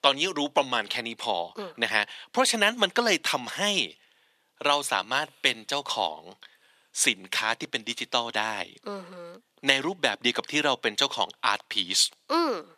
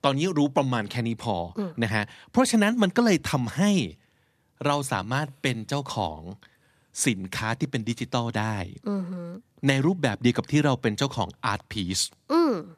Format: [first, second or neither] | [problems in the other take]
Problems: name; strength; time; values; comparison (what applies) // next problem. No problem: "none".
second | thin; somewhat; fading below 500 Hz